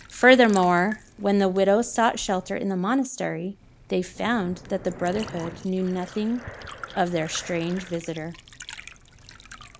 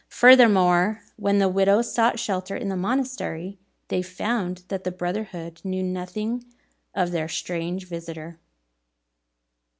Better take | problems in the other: second | background sound (Breathing + Liquid); 18 dB below the speech

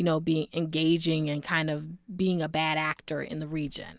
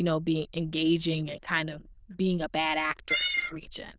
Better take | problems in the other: first | noise reduction (neural diffusion model UNIVERSE++)

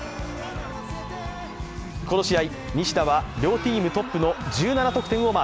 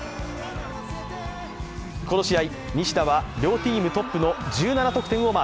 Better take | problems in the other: first | background sound (Wind instrument, woodwind instrument); 18 dB below the speech

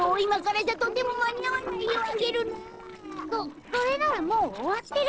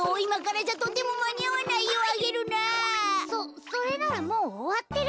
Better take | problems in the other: second | noise reduction (neural separator model SepFormer DNS4)

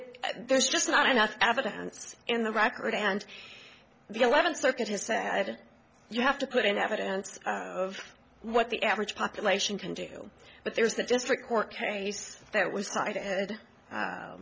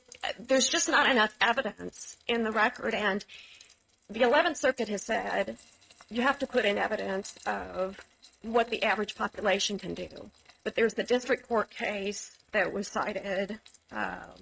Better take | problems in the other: first | noise reduction (neural mask model RNNoise)

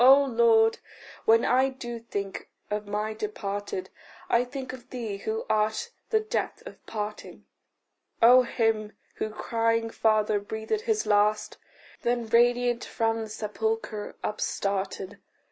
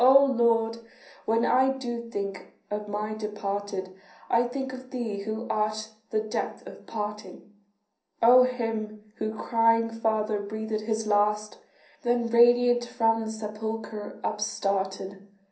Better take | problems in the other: first | room echo; dies away in 0.6 s

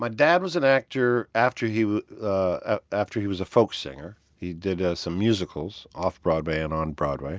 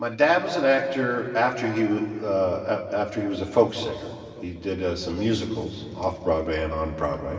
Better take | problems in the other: first | room echo; dies away in 2.3 s

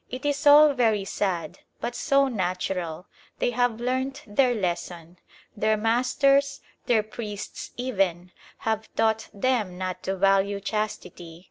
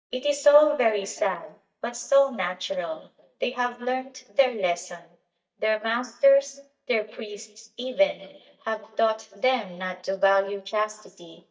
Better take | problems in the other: first | noise reduction (neural mask model DeepFilterNet 3)

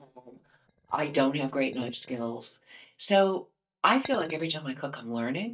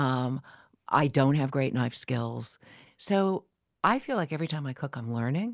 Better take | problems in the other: second | noise reduction (neural mask model DeepFilterNet 3)

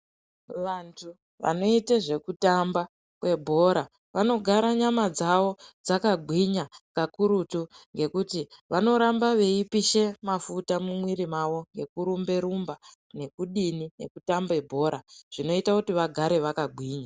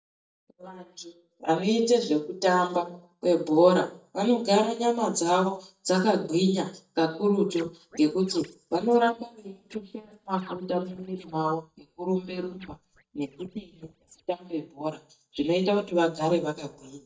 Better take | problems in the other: first | noise reduction (neural mask model DeepFilterNet 3)

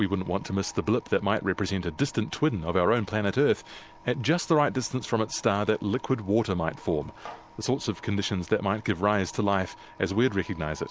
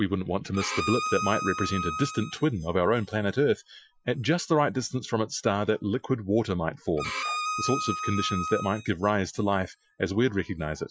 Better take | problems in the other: first | noise reduction (classical method Wiener filter)

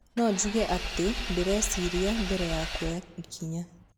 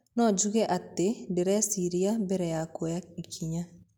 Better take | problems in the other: second | background sound (Engine / Vehicle); 5 dB below the speech

